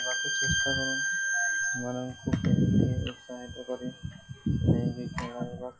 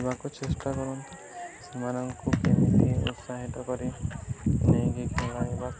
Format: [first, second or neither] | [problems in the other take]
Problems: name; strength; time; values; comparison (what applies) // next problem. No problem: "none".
second | noise reduction (classical method log-MMSE)